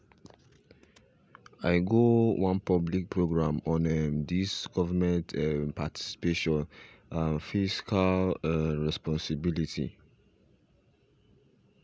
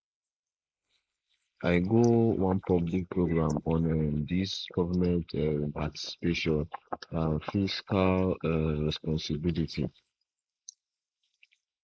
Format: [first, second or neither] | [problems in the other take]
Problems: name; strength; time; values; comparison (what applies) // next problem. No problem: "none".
first | noise reduction (neural mask model Resemble Enhance denoiser)